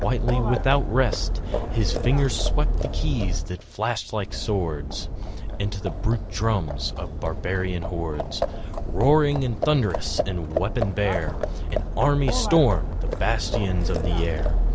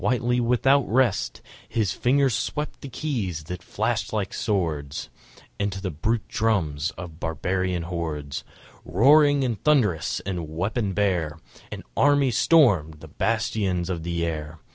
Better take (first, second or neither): second